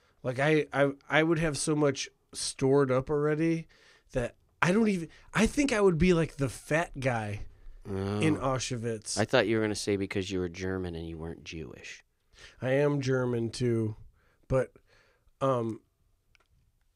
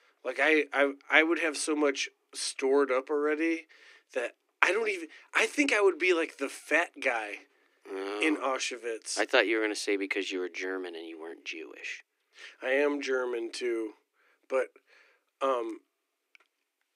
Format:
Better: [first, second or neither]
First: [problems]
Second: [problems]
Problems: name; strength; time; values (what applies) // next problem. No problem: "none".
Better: first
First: none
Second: thin; somewhat; fading below 300 Hz